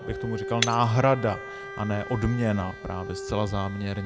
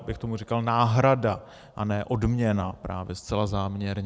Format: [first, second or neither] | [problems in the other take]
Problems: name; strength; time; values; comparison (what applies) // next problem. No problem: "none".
second | background sound (Shatter + Bowed string instrument); 9 dB below the speech